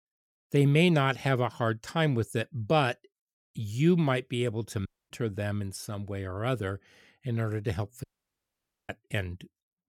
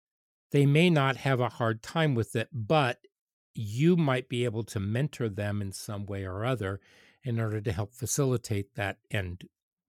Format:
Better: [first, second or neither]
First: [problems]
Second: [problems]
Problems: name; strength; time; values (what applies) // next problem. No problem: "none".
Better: second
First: audio cutting out; at 5 s and at 8 s for 1 s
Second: none